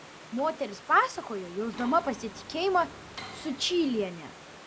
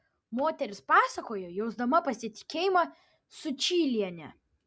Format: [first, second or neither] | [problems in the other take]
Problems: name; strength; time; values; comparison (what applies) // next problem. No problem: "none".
second | background sound (Mechanisms + Stream / Liquid); 15 dB below the speech